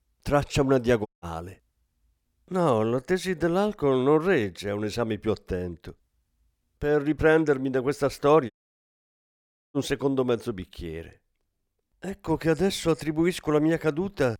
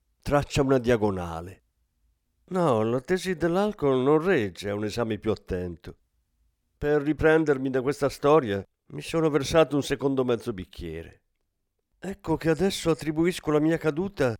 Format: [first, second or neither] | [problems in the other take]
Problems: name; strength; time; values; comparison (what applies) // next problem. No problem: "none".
second | audio cutting out; at 1 s and at 8.5 s for 1 s